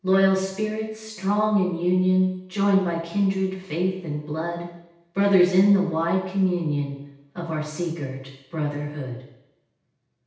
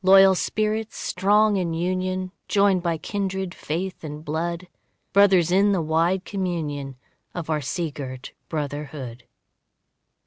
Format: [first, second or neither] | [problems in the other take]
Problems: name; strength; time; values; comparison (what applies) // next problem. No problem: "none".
second | room echo; dies away in 0.9 s